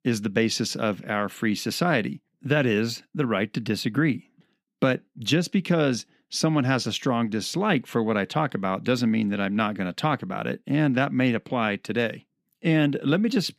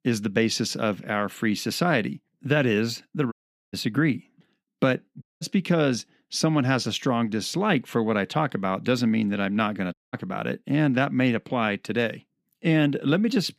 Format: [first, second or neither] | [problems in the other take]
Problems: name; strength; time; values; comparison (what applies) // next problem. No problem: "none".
first | audio cutting out; at 3.5 s, at 5 s and at 10 s